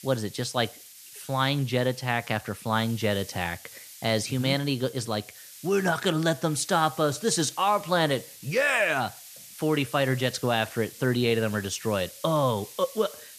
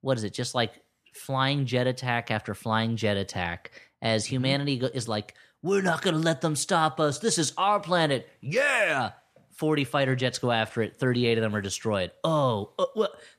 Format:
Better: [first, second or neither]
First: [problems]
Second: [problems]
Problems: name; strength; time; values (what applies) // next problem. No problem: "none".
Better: second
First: hiss; noticeable; throughout; 15 dB below the speech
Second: none